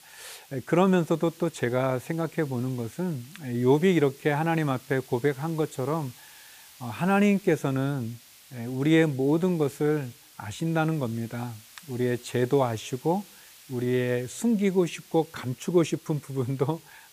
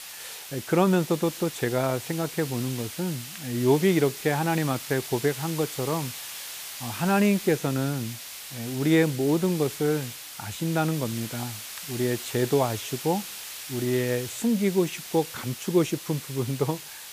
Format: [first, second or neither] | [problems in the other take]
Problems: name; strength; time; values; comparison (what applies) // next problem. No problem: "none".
first | hiss; loud; throughout; 10 dB below the speech; faint in the first